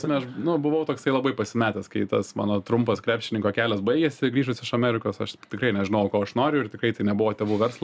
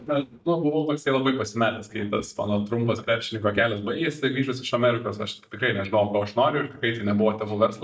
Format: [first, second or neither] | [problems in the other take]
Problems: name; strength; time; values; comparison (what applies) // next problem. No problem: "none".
first | noise reduction (neural mask model DeepFilterNet 3)